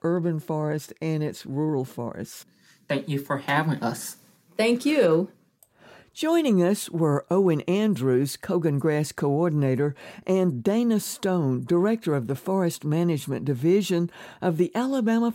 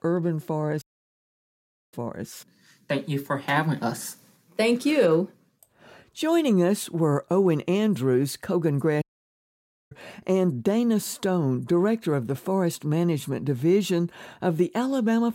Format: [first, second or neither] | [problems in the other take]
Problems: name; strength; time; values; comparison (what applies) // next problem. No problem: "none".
first | audio cutting out; at 1 s for 1 s and at 9 s for 1 s